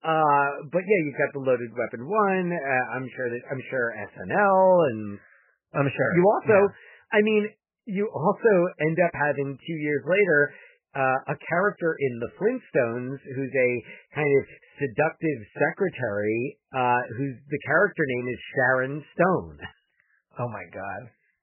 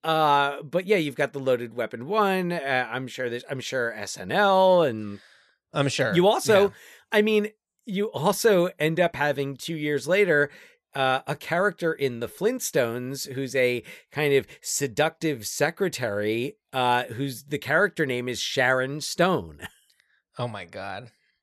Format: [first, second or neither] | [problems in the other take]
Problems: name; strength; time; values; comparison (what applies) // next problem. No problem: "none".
second | garbled, watery; badly; nothing above 3 kHz